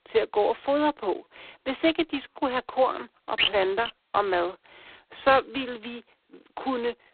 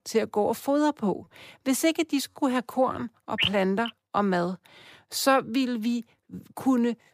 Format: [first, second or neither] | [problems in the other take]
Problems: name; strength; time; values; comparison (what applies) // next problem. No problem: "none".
second | phone-call audio; poor line